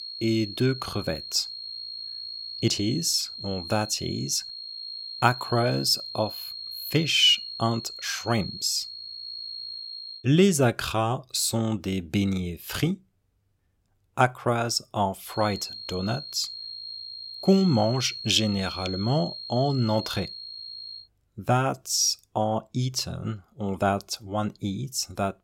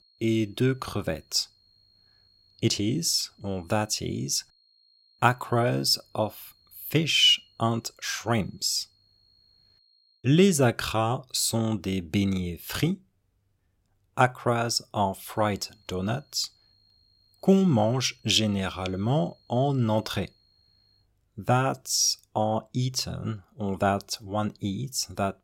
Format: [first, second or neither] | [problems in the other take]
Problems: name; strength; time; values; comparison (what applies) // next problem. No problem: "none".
second | high-pitched whine; loud; until 10 s and from 15 to 21 s; 4.5 kHz, 9 dB below the speech; faint in the second